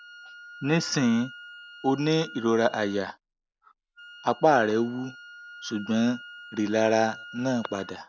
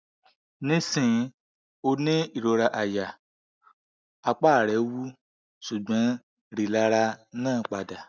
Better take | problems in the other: second | background sound (Wind instrument, woodwind instrument); 18 dB below the speech

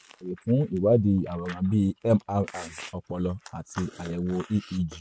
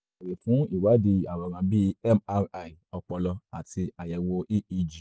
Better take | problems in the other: second | background sound (Chewing, mastication); 20 dB below the speech

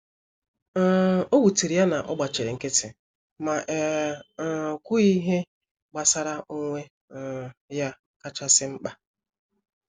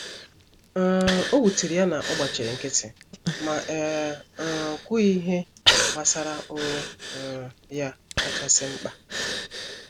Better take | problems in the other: first | background sound (Breathing); 4 dB below the speech

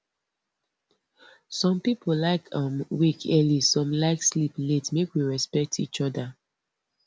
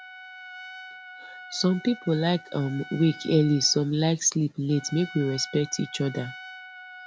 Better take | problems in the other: first | background sound (Trumpet); 17 dB below the speech

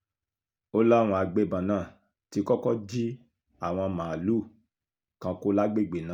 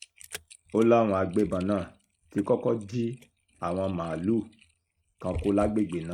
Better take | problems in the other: first | noise reduction (neural mask model RNNoise)

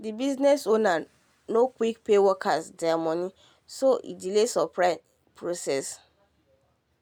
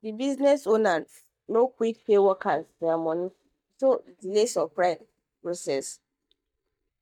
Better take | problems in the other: first | noise reduction (neural mask model DeepFilterNet 3)

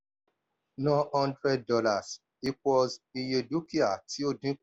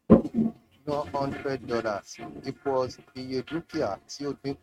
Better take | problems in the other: first | noise reduction (neural mask model RNNoise)

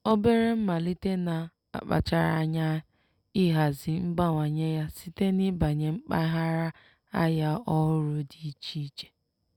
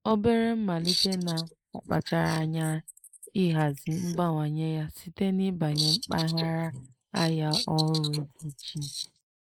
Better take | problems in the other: first | noise reduction (neural mask model Resemble Enhance denoiser)

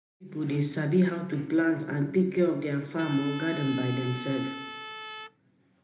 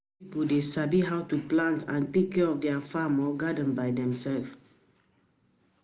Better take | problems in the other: second | background sound (Trumpet); 12 dB below the speech // room echo; dies away in 0.8 s

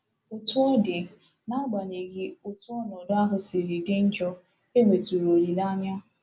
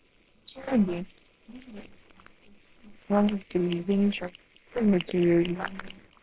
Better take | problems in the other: first | noise reduction (neural separator model SepFormer WHAMR!)

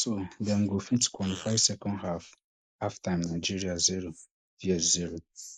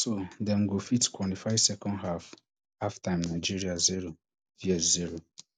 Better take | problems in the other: second | noise reduction (neural mask model Resemble Enhance denoiser)

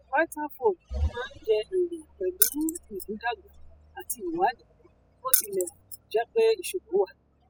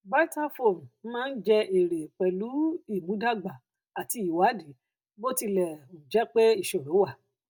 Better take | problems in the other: second | noise reduction (classical method spectral subtraction)

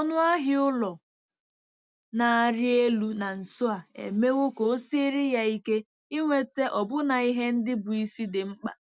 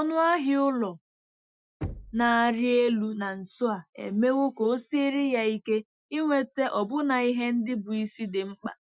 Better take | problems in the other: first | noise reduction (classical method Wiener filter)

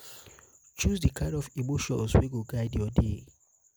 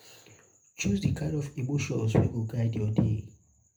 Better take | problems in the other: first | room echo; dies away in 0.3 s

